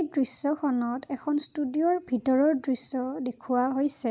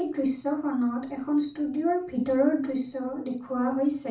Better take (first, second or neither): first